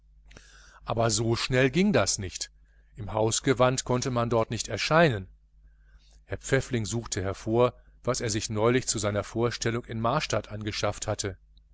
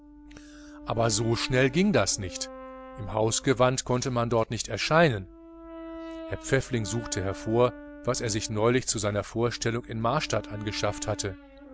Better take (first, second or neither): first